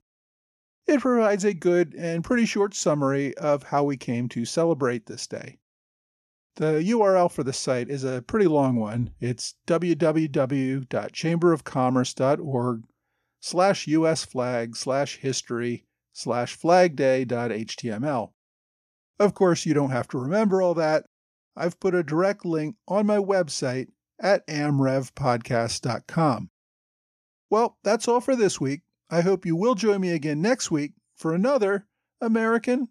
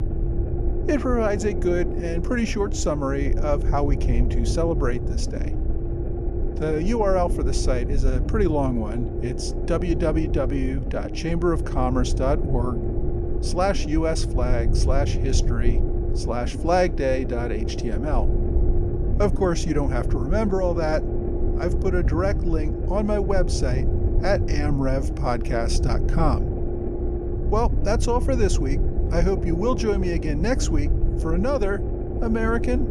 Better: first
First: none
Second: low rumble; loud; throughout; 8 dB below the speech

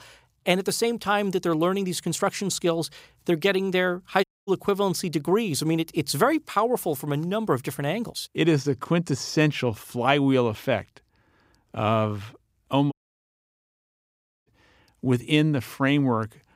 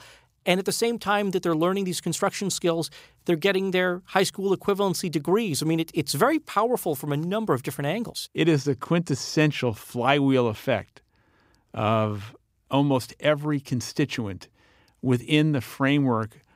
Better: second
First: audio cutting out; at 4 s and at 13 s for 1.5 s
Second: none

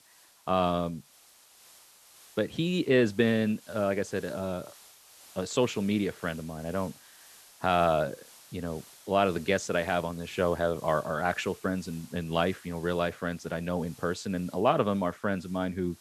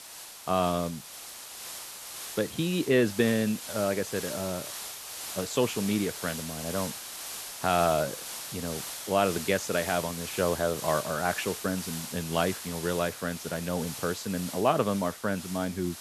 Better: first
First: hiss; faint; throughout; 25 dB below the speech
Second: hiss; loud; throughout; 8 dB below the speech

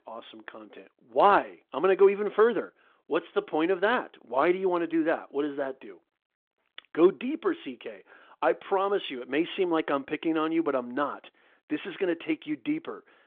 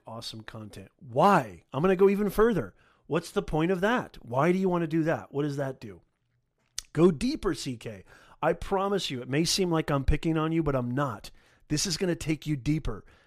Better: second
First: phone-call audio; nothing above 3.5 kHz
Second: none

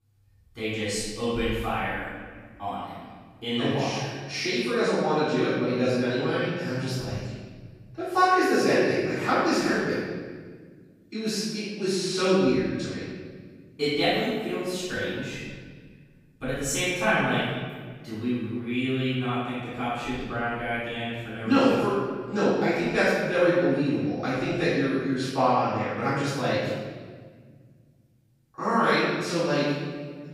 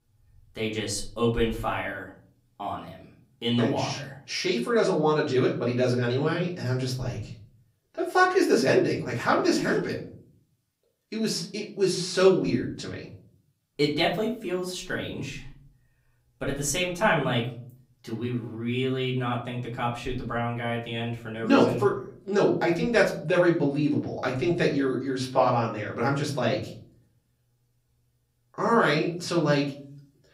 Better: second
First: room echo; strong; dies away in 1.6 s // off-mic speech; far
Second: room echo; slight; dies away in 0.6 s // off-mic speech; far

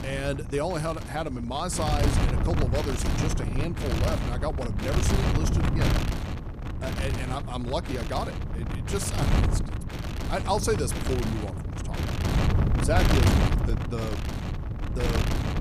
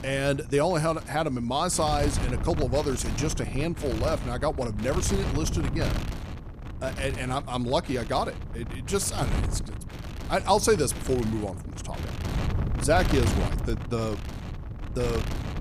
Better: second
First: wind noise on the microphone; heavy; 2 dB below the speech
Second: wind noise on the microphone; occasional gusts; 10 dB below the speech

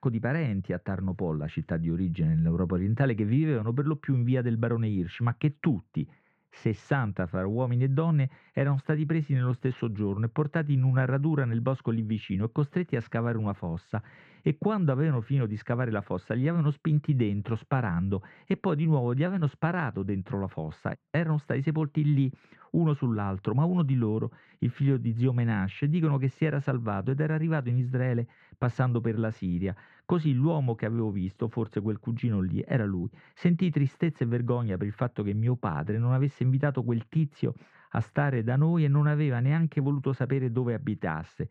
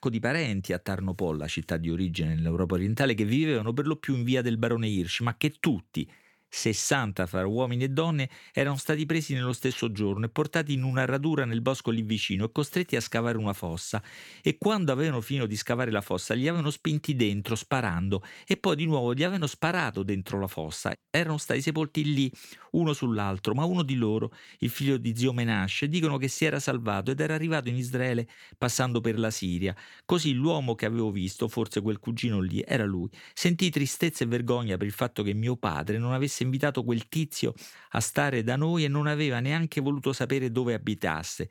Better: second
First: muffled; very; fading above 1.5 kHz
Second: none

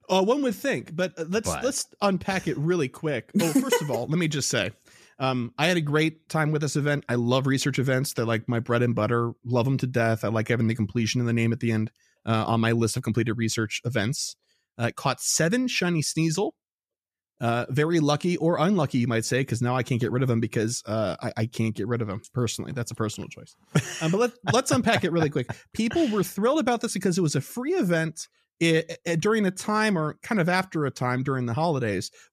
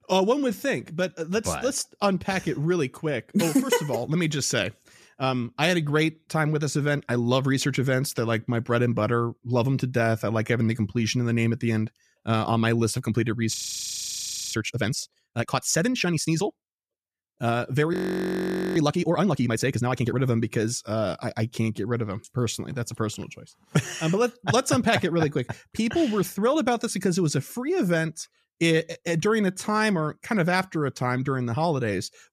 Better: first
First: none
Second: audio freezing; at 14 s for 1 s and at 18 s for 1 s

